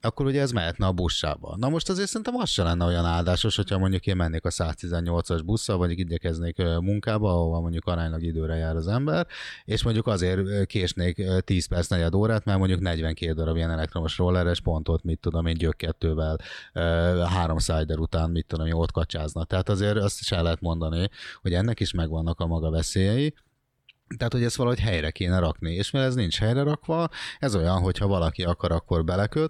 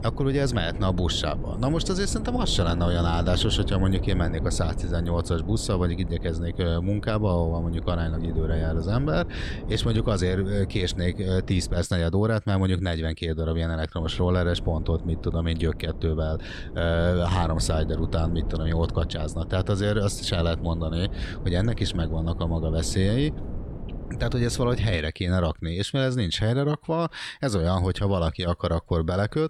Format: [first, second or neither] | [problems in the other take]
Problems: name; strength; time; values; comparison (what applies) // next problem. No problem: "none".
first | wind noise on the microphone; occasional gusts; until 12 s and from 14 to 25 s; 15 dB below the speech